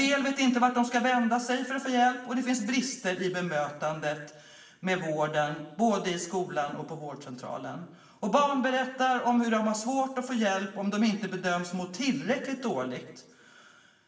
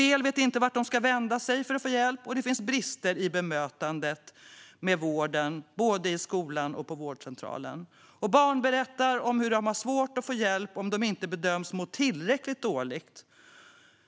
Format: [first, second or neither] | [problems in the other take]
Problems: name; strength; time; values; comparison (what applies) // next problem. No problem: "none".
second | room echo; dies away in 0.9 s